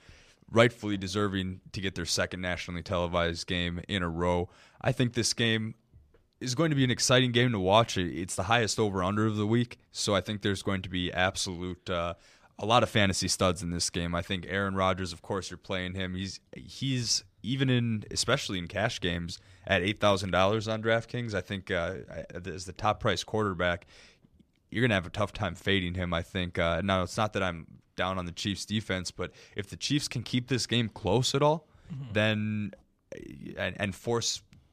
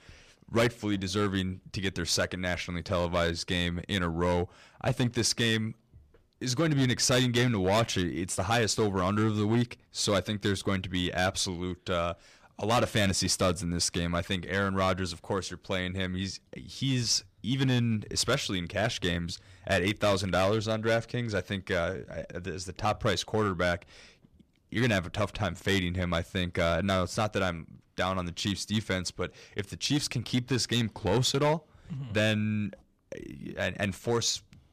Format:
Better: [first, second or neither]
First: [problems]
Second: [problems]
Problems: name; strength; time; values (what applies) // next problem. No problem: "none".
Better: first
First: none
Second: distortion; slight; 5% of the sound clipped